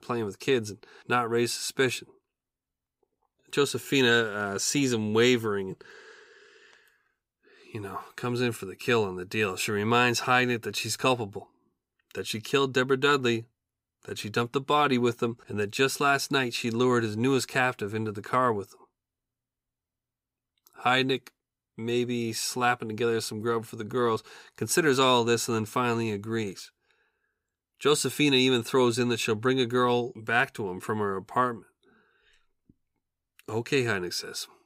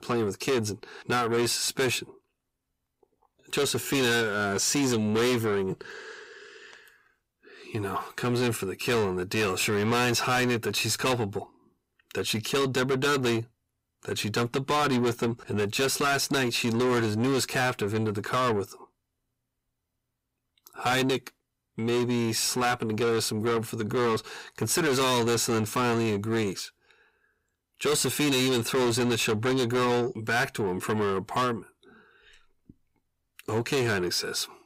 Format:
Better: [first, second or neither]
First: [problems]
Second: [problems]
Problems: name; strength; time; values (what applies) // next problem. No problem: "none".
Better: first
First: none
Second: distortion; heavy; 6 dB below the speech